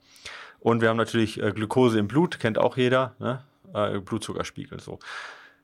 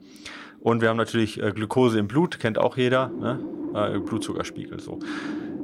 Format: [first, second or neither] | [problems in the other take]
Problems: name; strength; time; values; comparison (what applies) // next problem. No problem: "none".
first | wind noise on the microphone; occasional gusts; 10 dB below the speech